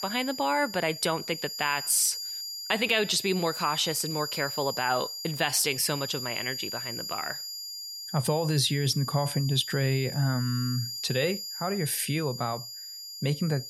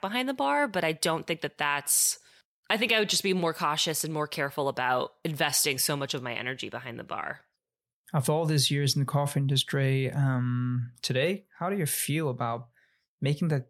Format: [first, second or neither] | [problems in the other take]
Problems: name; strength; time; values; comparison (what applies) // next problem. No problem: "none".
second | high-pitched whine; loud; throughout; 5 kHz, 7 dB below the speech